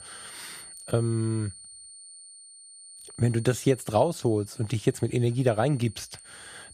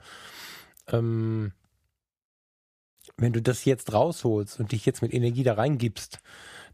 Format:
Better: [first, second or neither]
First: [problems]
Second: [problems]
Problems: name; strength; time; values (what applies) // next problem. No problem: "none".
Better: second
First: high-pitched whine; noticeable; throughout; 9 kHz, 20 dB below the speech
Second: none